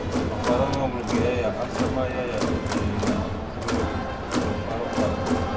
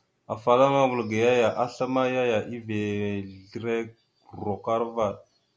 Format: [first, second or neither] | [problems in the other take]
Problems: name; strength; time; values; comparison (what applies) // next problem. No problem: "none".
second | background sound (Crowd); 4 dB above the speech // room echo; dies away in 0.4 s